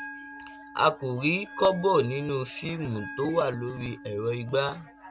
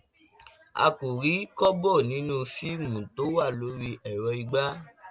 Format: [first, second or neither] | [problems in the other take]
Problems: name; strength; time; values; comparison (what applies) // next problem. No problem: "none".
second | background sound (Bell); 17 dB below the speech